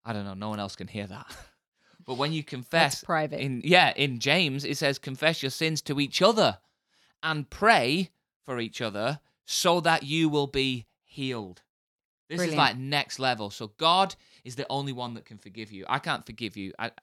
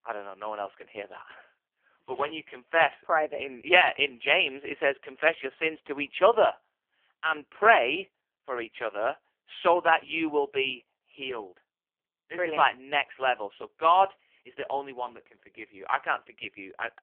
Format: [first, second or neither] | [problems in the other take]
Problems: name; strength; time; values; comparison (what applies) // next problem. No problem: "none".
first | phone-call audio; poor line; nothing above 3 kHz